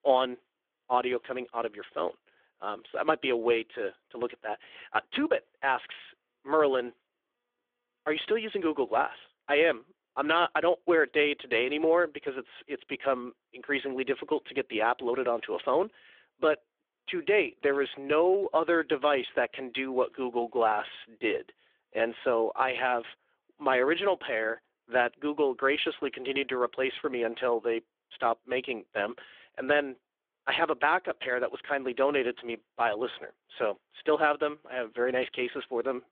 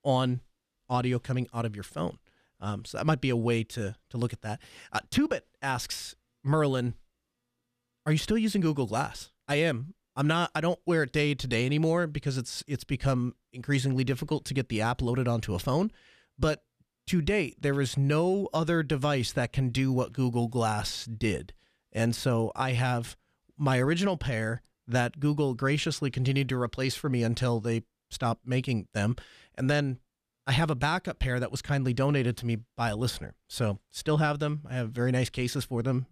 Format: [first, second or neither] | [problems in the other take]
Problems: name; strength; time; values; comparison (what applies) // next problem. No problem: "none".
second | phone-call audio; nothing above 3.5 kHz